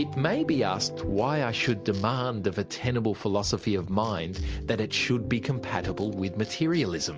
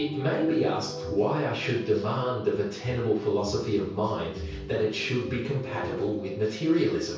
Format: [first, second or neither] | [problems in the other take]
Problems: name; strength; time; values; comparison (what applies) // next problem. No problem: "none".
first | room echo; dies away in 0.6 s